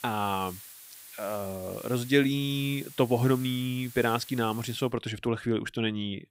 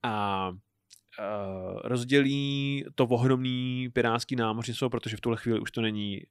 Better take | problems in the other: second | hiss; noticeable; until 5 s; 15 dB below the speech

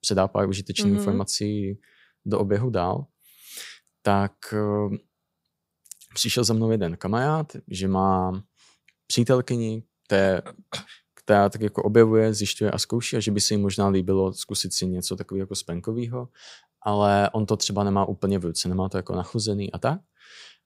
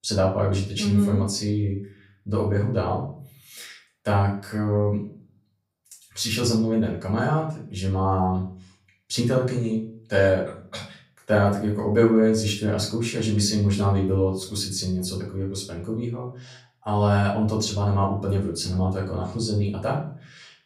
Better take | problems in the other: first | off-mic speech; far // room echo; slight; dies away in 0.4 s

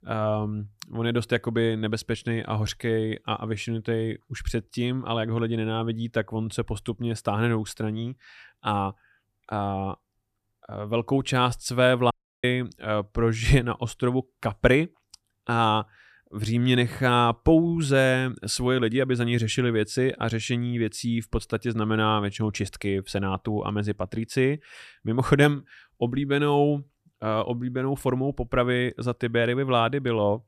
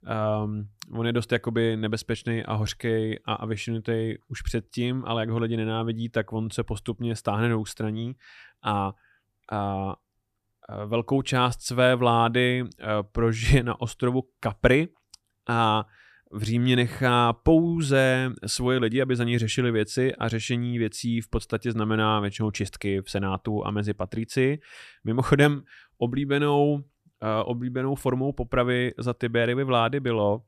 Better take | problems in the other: second | audio cutting out; at 12 s

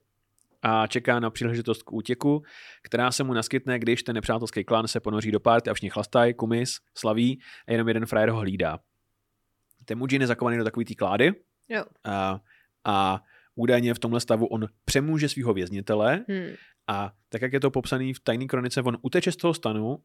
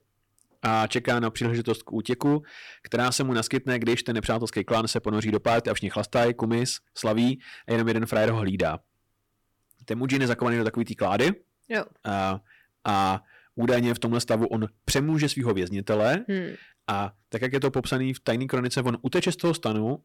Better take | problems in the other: first | distortion; slight; 7% of the sound clipped

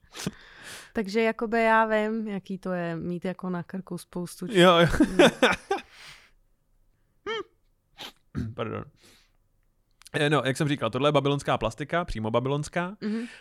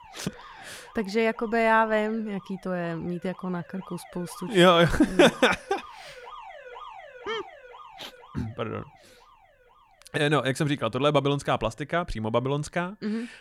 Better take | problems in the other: first | alarms or sirens; faint; throughout; 20 dB below the speech

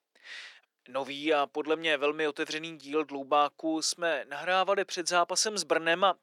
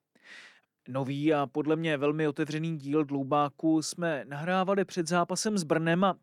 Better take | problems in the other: second | thin; somewhat; fading below 500 Hz

